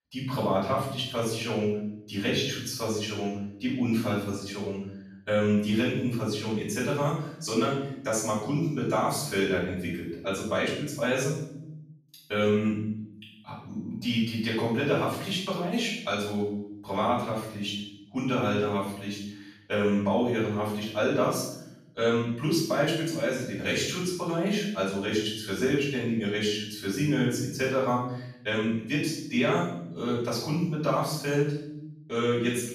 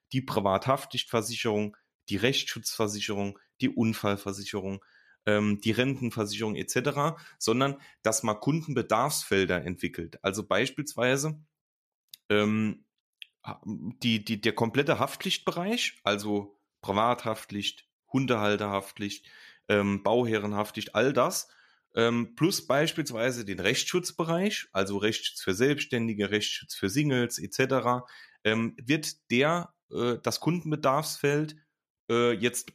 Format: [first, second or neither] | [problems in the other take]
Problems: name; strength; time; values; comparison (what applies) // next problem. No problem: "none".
second | off-mic speech; far // room echo; noticeable; dies away in 0.8 s